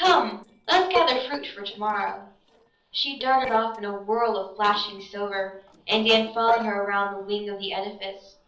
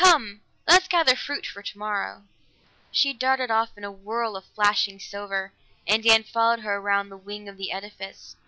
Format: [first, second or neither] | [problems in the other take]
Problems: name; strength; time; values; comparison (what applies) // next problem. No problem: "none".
second | noise reduction (neural separator model SepFormer DNS4)